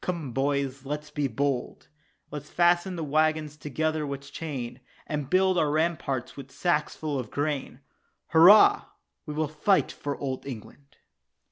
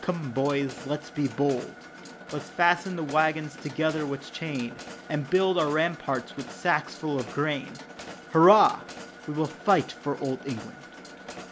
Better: first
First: none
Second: background sound (Mechanisms); 16 dB below the speech

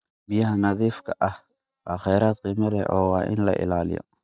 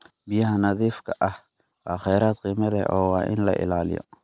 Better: second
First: noise reduction (neural mask model DeepFilterNet 3)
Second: none

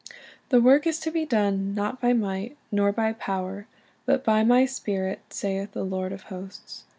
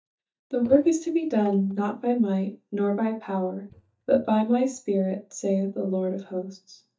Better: first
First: none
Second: noise reduction (neural mask model DeepFilterNet 3)

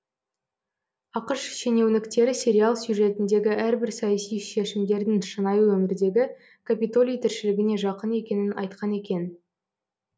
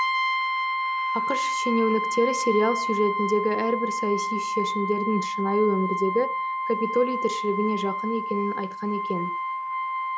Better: first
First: none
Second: background sound (Brass instrument); 1 dB below the speech

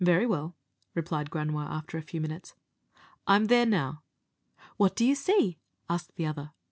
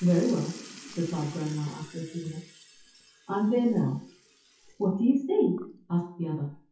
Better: first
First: none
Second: noise reduction (classical method WPE with log-MMSE)

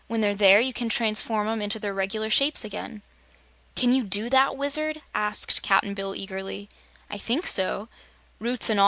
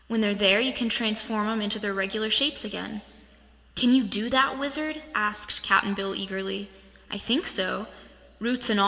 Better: first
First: none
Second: room echo; dies away in 1.6 s

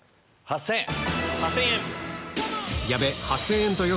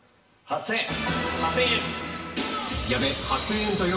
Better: first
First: none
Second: room echo; dies away in 2 s

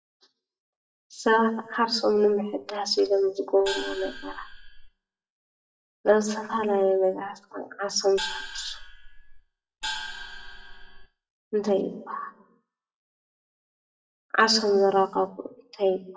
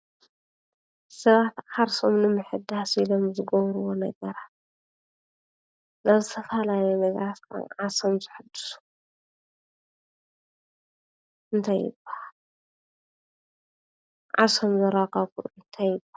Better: second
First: noise reduction (classical method WPE with log-MMSE)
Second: none

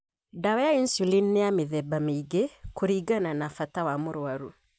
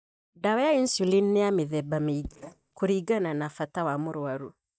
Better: first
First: none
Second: noise reduction (neural mask model DeepFilterNet 3)

